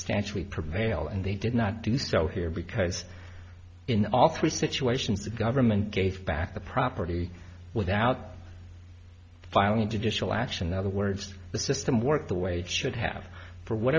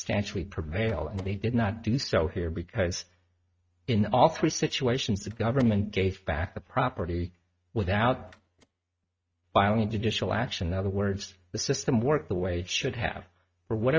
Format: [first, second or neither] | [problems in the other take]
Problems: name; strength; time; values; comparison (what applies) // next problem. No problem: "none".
first | noise reduction (neural mask model RNNoise)